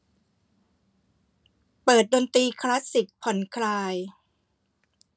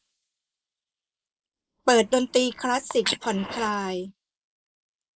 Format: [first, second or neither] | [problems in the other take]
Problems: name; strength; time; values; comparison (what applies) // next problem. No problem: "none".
first | noise reduction (neural mask model Resemble Enhance denoiser)